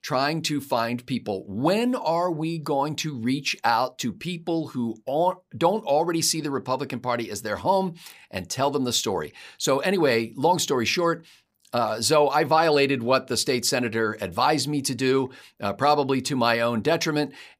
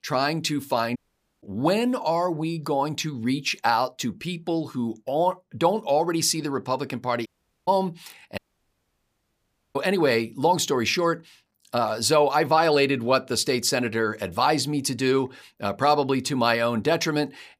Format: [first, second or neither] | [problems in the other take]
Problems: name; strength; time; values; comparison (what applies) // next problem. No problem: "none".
first | audio cutting out; at 1 s, at 7.5 s and at 8.5 s for 1.5 s